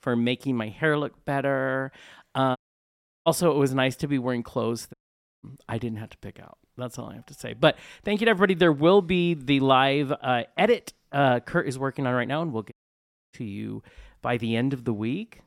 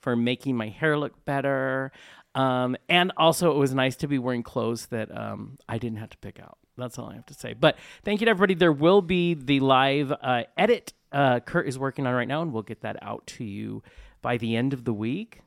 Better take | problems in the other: second | audio cutting out; at 2.5 s for 0.5 s, at 5 s and at 13 s for 0.5 s

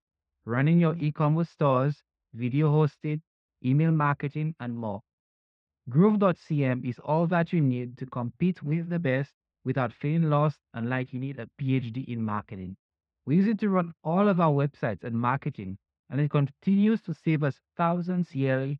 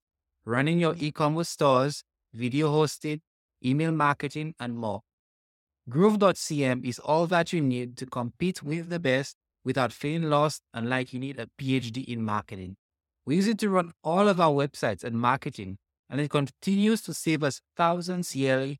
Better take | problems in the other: second | muffled; very; fading above 2.5 kHz

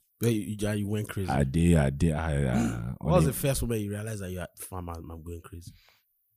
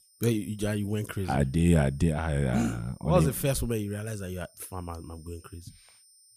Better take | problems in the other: first | high-pitched whine; faint; throughout; 9 kHz, 30 dB below the speech

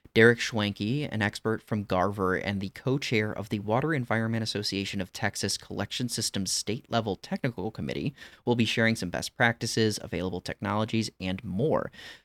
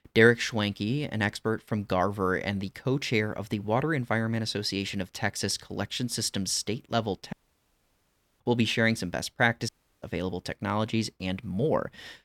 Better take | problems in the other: first | audio cutting out; at 7.5 s for 1 s and at 9.5 s

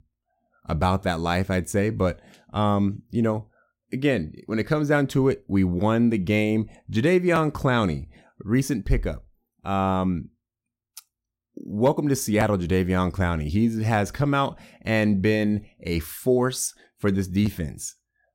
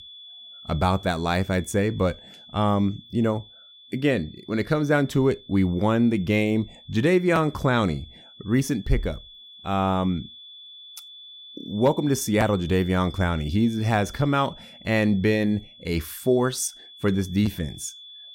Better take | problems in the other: first | high-pitched whine; noticeable; throughout; 3.5 kHz, 20 dB below the speech

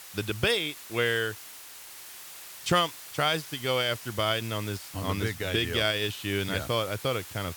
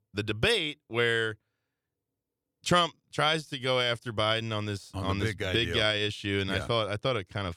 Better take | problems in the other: second | hiss; noticeable; throughout; 15 dB below the speech

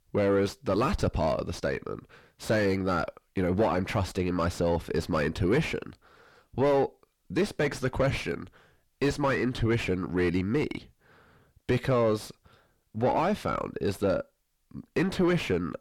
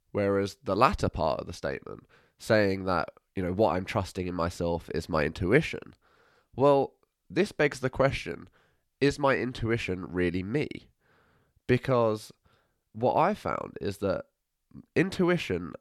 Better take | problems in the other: second | distortion; heavy; 5 dB below the speech

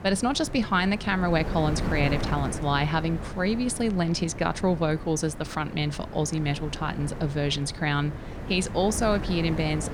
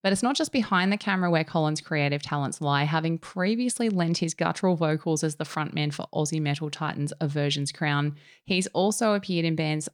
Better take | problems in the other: second | wind noise on the microphone; occasional gusts; 10 dB below the speech

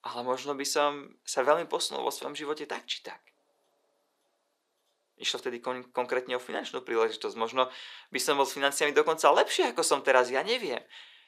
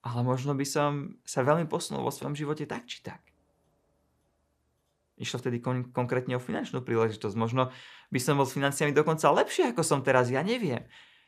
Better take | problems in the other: second | thin; somewhat; fading below 400 Hz

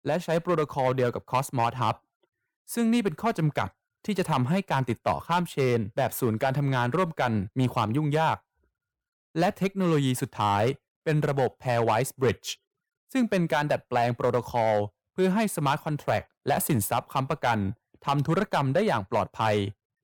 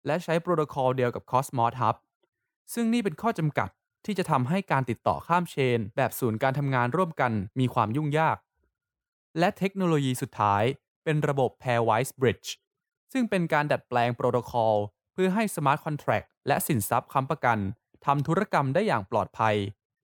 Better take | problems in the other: second | distortion; slight; 4% of the sound clipped

